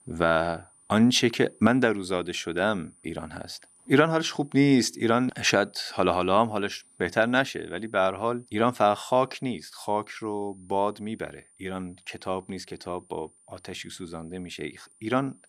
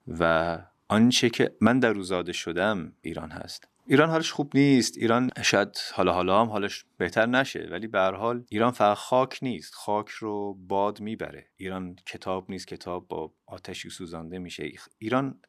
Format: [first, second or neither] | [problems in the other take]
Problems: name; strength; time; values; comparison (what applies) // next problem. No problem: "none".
second | high-pitched whine; faint; throughout; 9.5 kHz, 30 dB below the speech